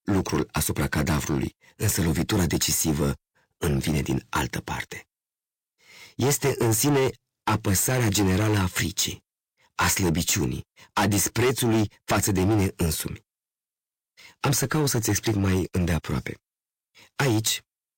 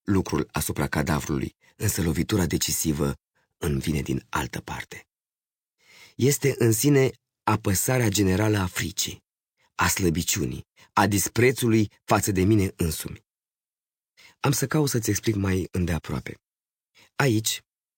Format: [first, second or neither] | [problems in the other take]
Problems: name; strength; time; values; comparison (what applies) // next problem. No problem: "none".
second | distortion; heavy; 10% of the sound clipped